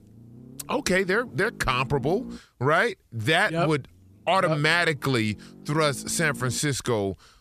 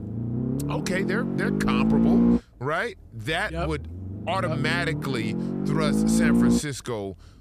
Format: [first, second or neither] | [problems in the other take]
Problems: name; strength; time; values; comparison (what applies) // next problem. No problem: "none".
first | low rumble; loud; throughout; 1 dB below the speech; faint in the first